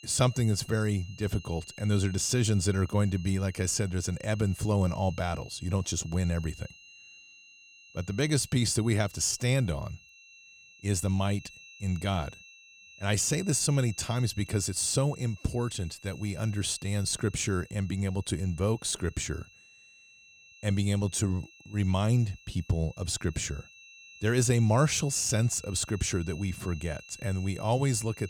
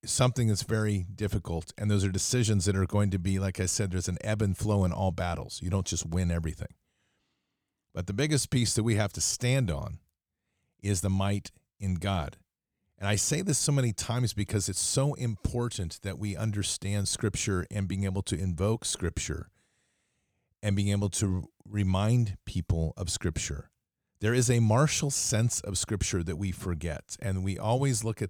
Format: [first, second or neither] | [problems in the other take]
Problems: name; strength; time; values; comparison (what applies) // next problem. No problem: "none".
second | high-pitched whine; faint; throughout; 2.5 kHz, 20 dB below the speech